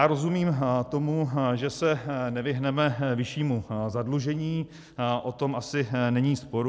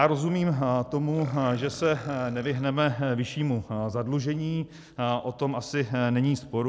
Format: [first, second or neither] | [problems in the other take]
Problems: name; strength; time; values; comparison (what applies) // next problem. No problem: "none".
first | background sound (Burping, eructation); 20 dB below the speech